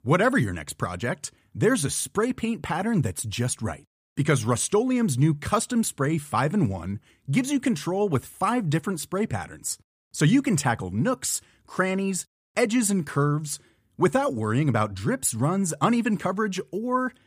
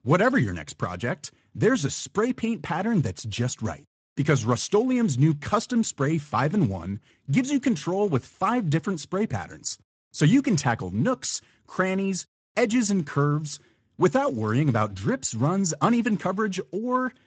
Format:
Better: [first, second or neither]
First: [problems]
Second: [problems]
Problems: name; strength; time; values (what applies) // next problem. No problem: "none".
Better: first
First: none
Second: garbled, watery; slightly; nothing above 7.5 kHz